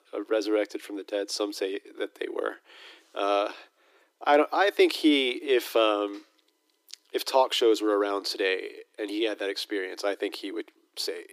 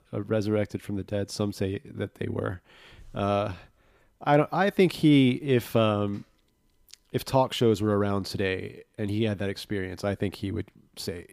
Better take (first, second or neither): second